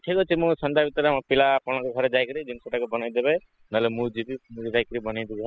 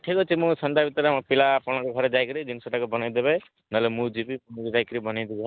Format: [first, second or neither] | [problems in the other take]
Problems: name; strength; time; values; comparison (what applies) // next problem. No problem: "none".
second | noise reduction (classical method spectral subtraction)